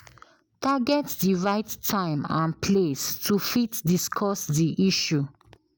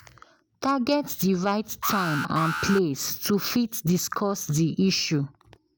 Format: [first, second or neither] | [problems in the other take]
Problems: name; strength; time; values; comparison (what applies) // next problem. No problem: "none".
first | background sound (Alarm); 6 dB below the speech